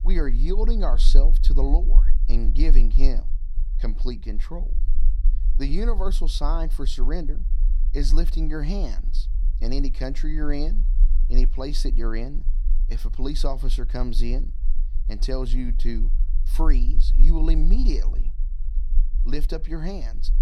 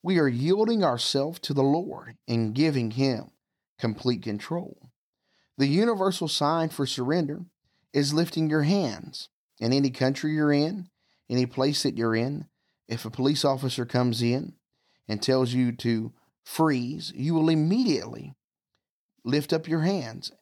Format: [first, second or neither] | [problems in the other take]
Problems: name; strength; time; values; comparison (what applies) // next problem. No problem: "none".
second | low rumble; noticeable; throughout; 15 dB below the speech